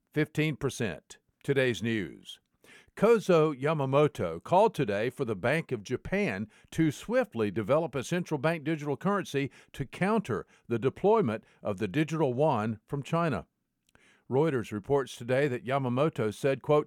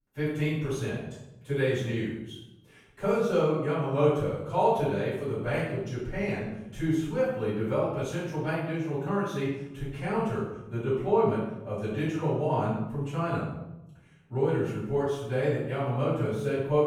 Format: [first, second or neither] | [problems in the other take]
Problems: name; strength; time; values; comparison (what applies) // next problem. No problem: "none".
first | off-mic speech; far // room echo; noticeable; dies away in 0.8 s